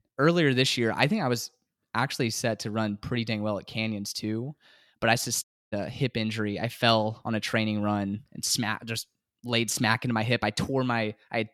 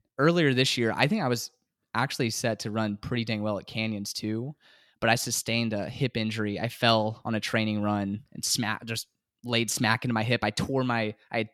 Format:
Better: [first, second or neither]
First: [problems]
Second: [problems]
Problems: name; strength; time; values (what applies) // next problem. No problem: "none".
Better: second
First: audio cutting out; at 5.5 s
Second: none